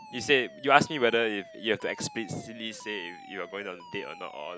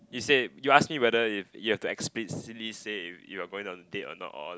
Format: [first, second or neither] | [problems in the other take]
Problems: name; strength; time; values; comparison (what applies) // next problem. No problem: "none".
second | background sound (Alarm); 18 dB below the speech